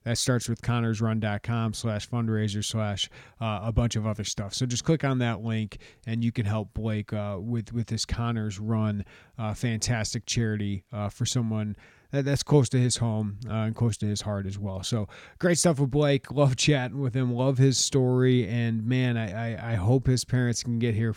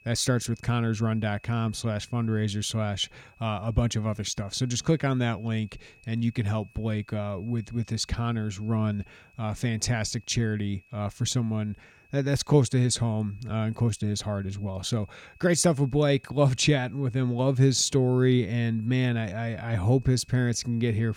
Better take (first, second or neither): first